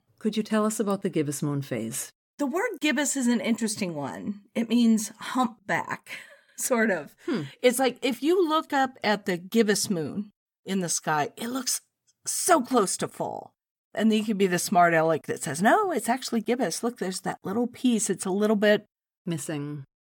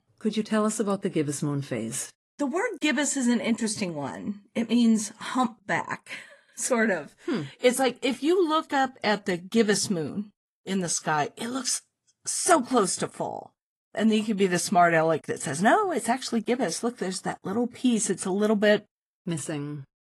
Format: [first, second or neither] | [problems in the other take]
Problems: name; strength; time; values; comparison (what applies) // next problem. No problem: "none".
first | garbled, watery; slightly; nothing above 11 kHz